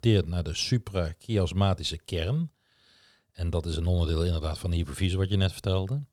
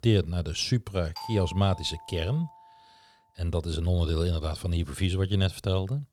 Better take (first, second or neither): first